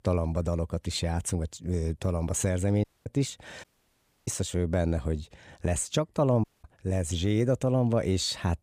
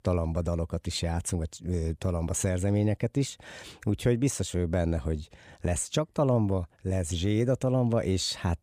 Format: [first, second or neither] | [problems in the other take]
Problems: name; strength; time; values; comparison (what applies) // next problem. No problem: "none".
second | audio cutting out; at 3 s, at 3.5 s for 0.5 s and at 6.5 s